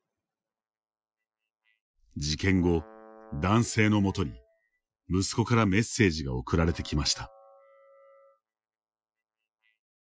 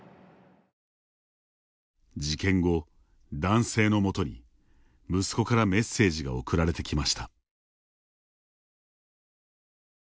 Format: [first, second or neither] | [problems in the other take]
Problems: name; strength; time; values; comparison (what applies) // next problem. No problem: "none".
second | noise reduction (classical method Wiener filter)